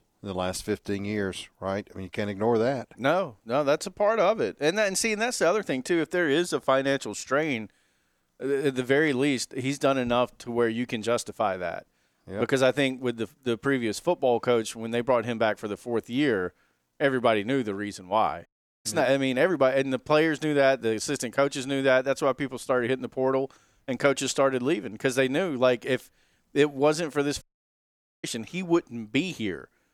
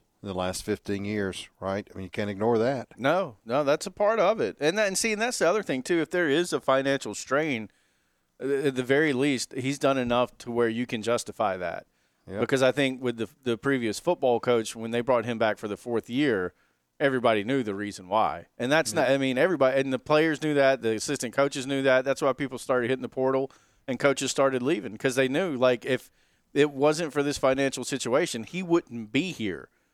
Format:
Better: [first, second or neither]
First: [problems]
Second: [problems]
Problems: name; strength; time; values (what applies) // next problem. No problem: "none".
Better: second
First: audio cutting out; at 18 s and at 27 s for 1 s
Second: none